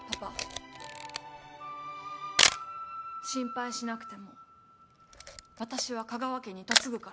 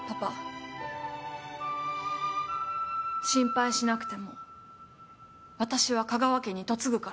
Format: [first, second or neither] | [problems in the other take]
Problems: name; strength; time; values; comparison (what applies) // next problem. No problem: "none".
second | background sound (Camera); 4 dB above the speech